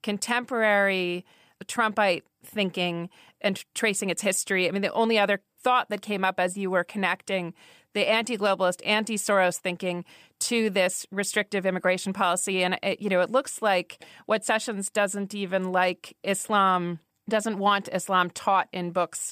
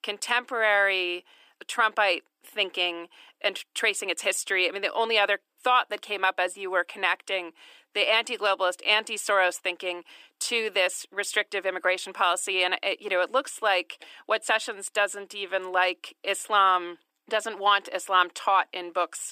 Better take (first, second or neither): first